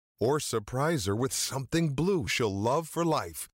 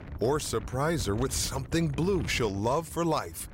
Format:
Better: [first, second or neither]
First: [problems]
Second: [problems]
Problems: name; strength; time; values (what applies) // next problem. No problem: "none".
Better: first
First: none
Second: wind noise on the microphone; occasional gusts; 20 dB below the speech